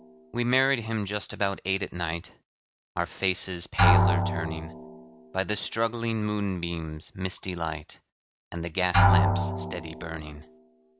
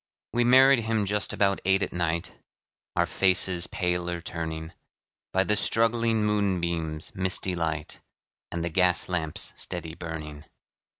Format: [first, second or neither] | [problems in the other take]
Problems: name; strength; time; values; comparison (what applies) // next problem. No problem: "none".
second | background sound (Drum); 2 dB above the speech